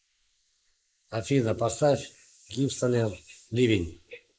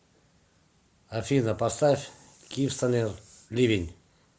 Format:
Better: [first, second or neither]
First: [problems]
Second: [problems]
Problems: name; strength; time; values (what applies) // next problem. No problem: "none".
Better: second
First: noise reduction (neural mask model Resemble Enhance denoiser)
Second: none